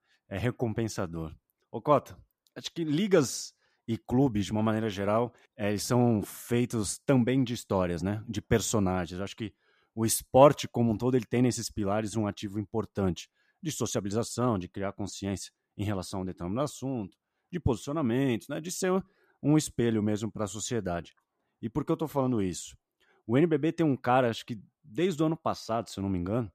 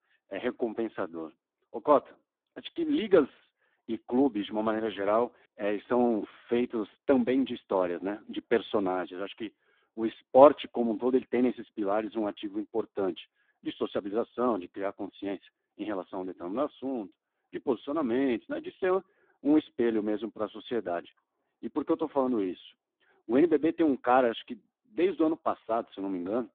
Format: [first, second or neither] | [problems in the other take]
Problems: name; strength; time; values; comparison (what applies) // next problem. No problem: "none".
first | phone-call audio; poor line; nothing above 3.5 kHz